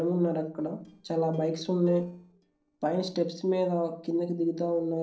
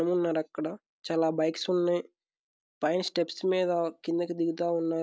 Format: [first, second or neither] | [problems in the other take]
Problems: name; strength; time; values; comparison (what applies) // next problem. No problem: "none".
second | noise reduction (neural separator model SepFormer DNS4)